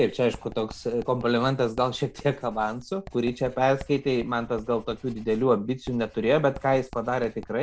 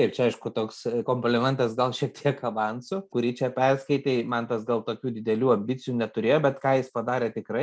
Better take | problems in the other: second | background sound (Writing); 20 dB below the speech

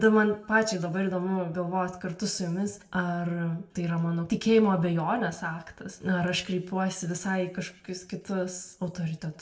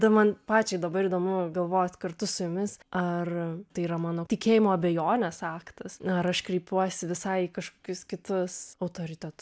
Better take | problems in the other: second | room echo; dies away in 0.5 s

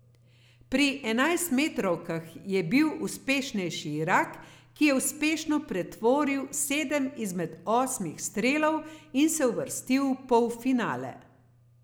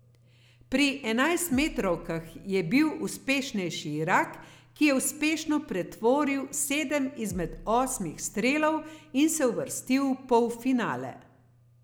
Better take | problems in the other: first | background sound (Bass drum); 20 dB below the speech

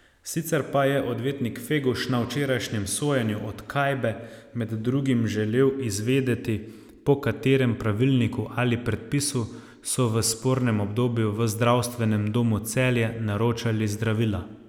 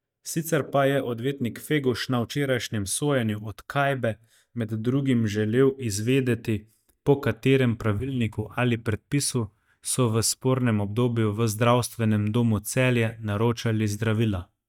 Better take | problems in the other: first | noise reduction (neural mask model DeepFilterNet 3)

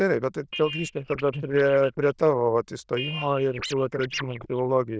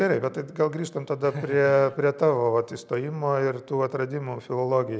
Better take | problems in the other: second | noise reduction (neural diffusion model UNIVERSE++)

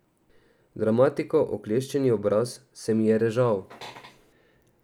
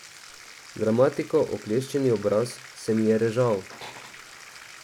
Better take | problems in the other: first | background sound (Bathtub (filling or washing)); 19 dB below the speech

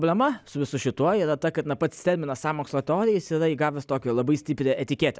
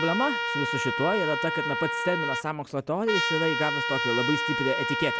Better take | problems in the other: first | background sound (Trumpet); as loud as the speech

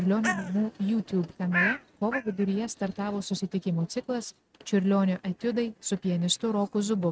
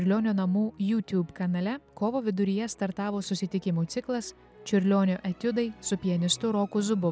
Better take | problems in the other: second | noise reduction (neural mask model RNNoise)

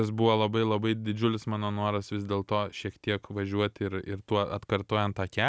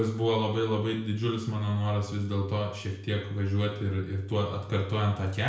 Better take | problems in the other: first | room echo; dies away in 0.5 s

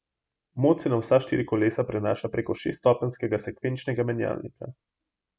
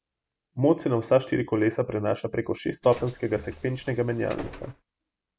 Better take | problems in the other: first | background sound (Bus); 16 dB below the speech

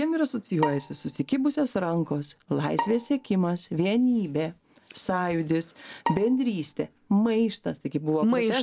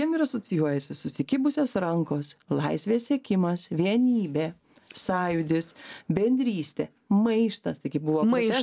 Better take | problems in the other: second | background sound (Bowed string instrument); 12 dB below the speech

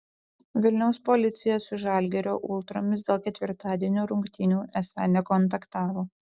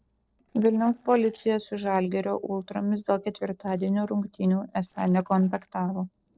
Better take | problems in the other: first | noise reduction (neural separator model SepFormer DNS4)

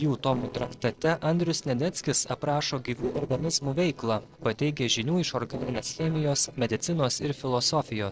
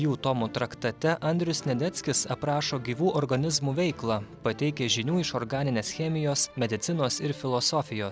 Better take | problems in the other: second | noise reduction (neural separator model SepFormer DNS4)

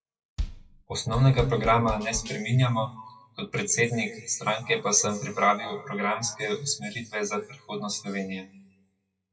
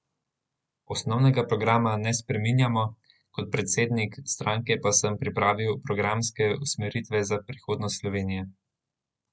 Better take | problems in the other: second | noise reduction (classical method WPE with log-MMSE)

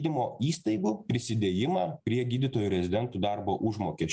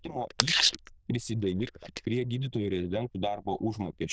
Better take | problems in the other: first | noise reduction (neural diffusion model UNIVERSE++)

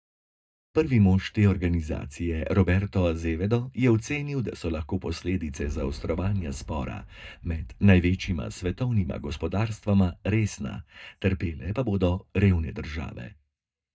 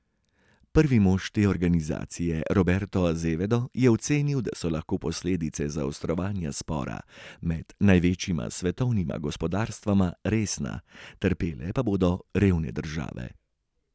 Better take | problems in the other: second | noise reduction (neural mask model DeepFilterNet 3)

